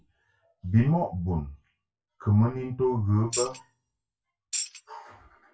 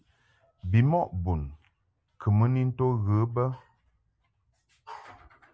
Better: second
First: noise reduction (classical method WPE with log-MMSE)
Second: none

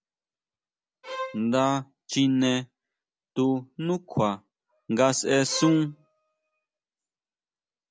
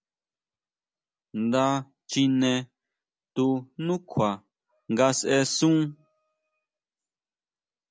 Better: second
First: background sound (Bowed string instrument); 10 dB below the speech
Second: none

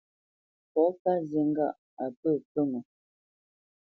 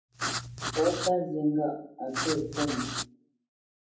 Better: first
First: none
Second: background sound (Writing); 3 dB below the speech // room echo; dies away in 0.6 s

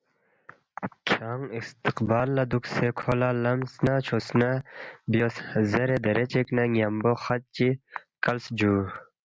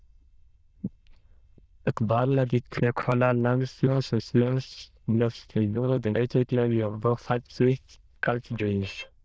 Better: first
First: none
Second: noise reduction (neural diffusion model UNIVERSE++)

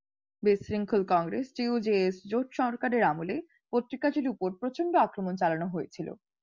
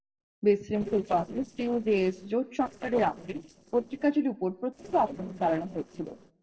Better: first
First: none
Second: noise reduction (neural separator model SepFormer DNS4)

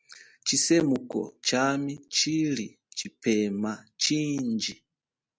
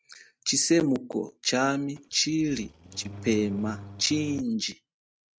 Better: first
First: none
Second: noise reduction (neural mask model RNNoise)

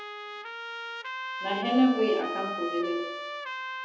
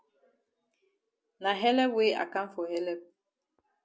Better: second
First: background sound (Trumpet); 6 dB below the speech // room echo; dies away in 0.9 s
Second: none

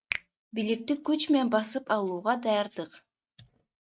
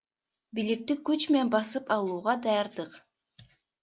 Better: second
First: noise reduction (neural mask model RNNoise)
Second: none

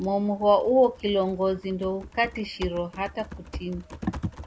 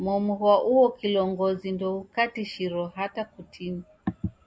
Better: second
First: background sound (Typing); 16 dB below the speech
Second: none

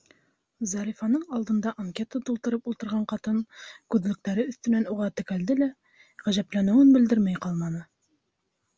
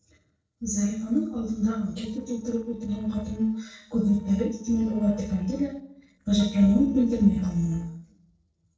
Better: first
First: none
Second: noise reduction (neural separator model SepFormer DNS4)

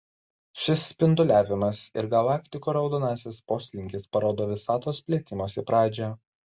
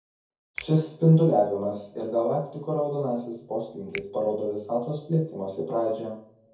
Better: first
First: none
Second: background sound (Finger snapping); 20 dB below the speech // room echo; dies away in 0.6 s

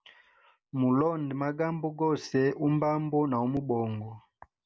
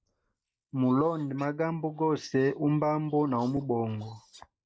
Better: first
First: none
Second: noise reduction (neural mask model Resemble Enhance denoiser)

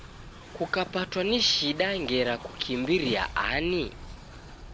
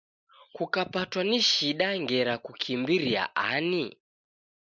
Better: second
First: background sound (Train); 14 dB below the speech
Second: none

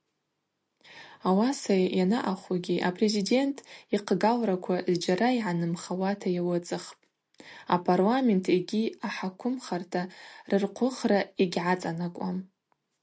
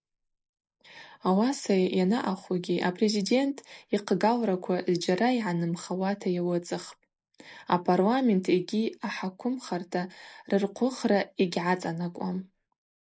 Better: first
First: none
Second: noise reduction (neural mask model Resemble Enhance denoiser)

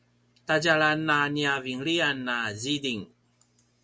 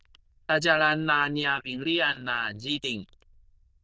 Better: first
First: none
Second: noise reduction (neural diffusion model UNIVERSE++)

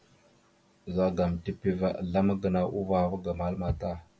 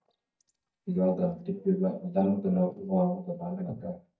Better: first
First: none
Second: noise reduction (neural mask model DeepFilterNet 3)

